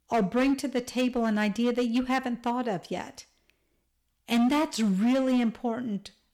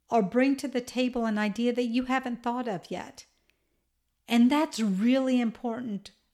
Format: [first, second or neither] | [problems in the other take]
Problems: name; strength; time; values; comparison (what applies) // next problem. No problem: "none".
second | distortion; slight; 9% of the sound clipped